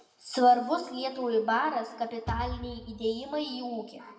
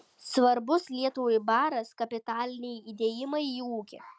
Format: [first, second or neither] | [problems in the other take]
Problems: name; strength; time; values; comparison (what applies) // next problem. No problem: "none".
second | background sound (Bass drum / Thump, thud); 10 dB below the speech // room echo; dies away in 1.1 s